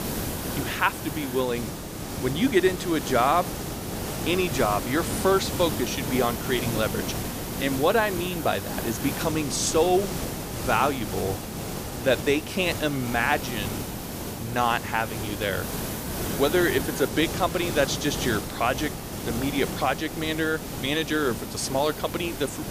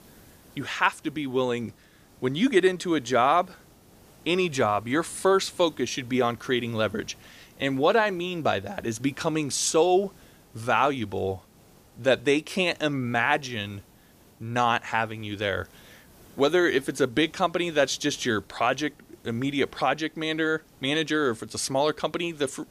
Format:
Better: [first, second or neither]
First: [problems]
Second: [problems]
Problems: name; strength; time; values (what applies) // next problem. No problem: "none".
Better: second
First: hiss; loud; throughout; 6 dB below the speech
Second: hiss; faint; throughout; 30 dB below the speech